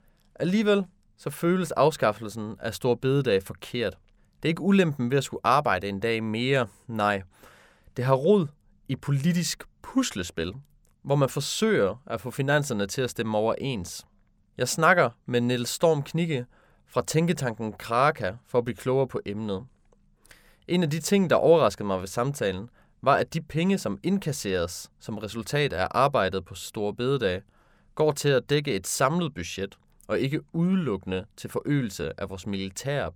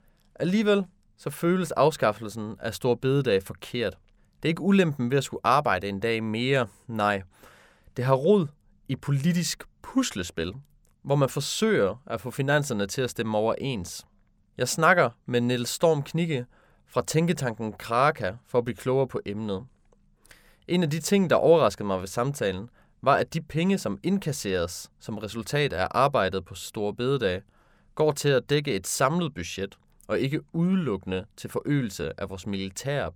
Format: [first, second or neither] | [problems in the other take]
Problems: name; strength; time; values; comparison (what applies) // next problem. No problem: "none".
neither | none